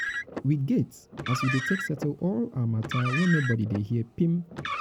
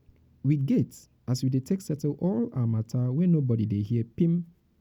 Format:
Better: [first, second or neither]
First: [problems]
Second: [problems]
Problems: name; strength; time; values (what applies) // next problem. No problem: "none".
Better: second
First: background sound (Car); 8 dB below the speech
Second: none